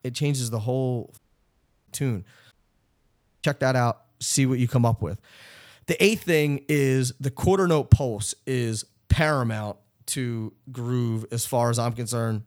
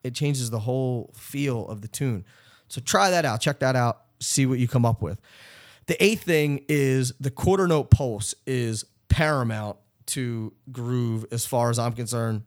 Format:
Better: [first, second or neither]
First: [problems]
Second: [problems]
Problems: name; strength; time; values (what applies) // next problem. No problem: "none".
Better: second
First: audio cutting out; at 1 s for 0.5 s and at 2.5 s for 1 s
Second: none